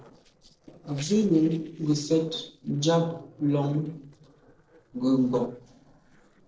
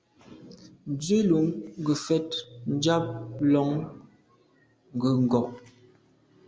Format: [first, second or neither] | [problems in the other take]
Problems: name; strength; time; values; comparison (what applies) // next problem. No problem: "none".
second | noise reduction (neural separator model SepFormer DNS4)